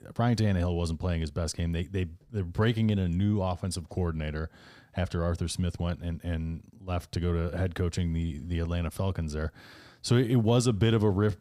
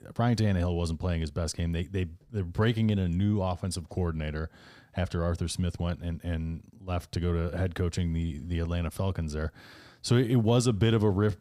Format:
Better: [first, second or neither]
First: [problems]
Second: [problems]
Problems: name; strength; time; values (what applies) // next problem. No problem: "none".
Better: neither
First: none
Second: none